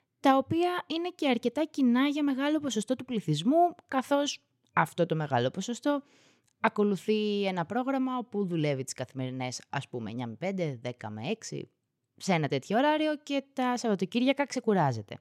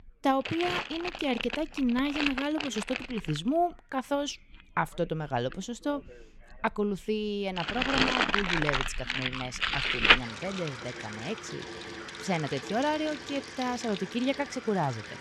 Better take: first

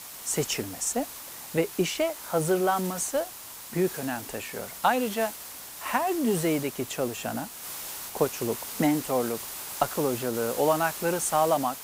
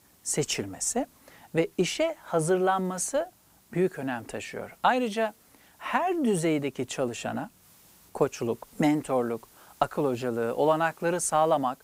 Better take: second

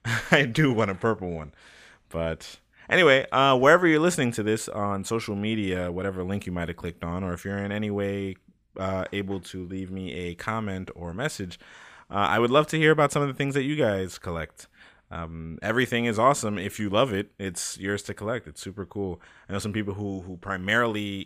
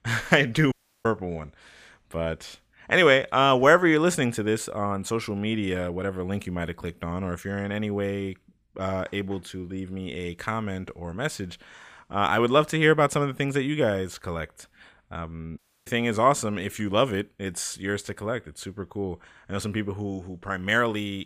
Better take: first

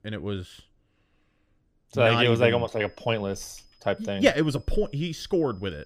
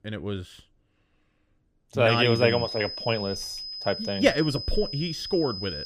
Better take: first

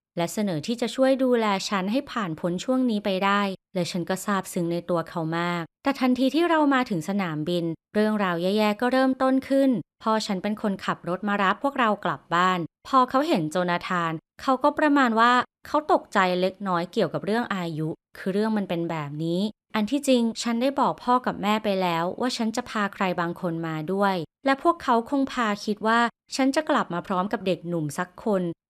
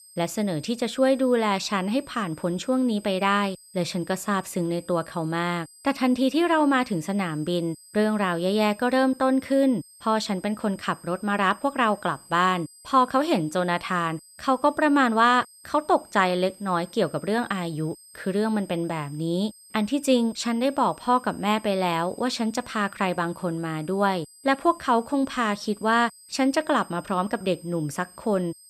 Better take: first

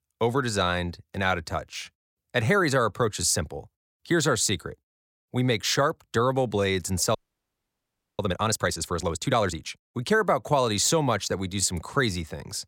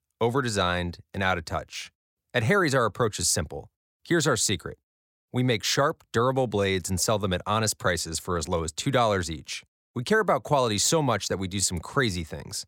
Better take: second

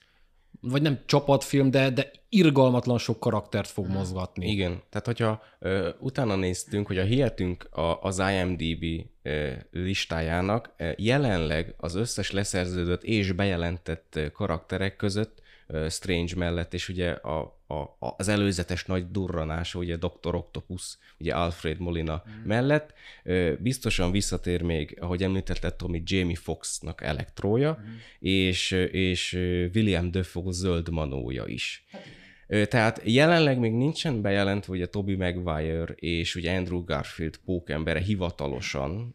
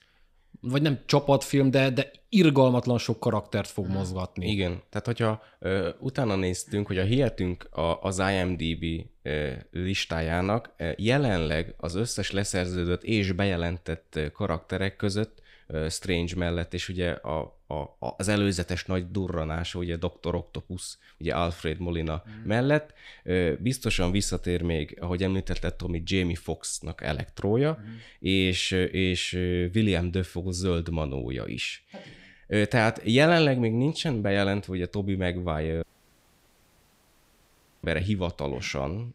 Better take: first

